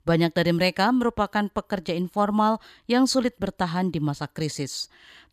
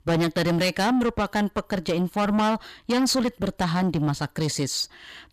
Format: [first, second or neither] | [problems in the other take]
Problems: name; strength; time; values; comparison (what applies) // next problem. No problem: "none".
first | distortion; heavy; 7 dB below the speech